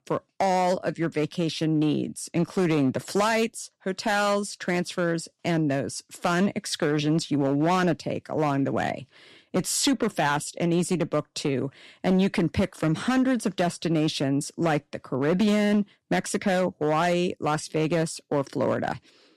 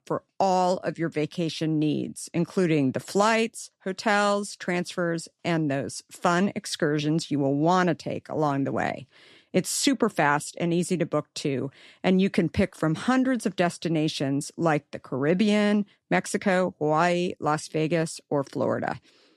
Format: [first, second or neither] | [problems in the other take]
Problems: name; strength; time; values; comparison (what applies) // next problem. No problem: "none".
second | distortion; slight; 6% of the sound clipped